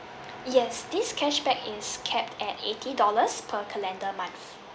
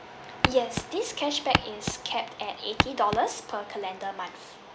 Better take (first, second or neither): first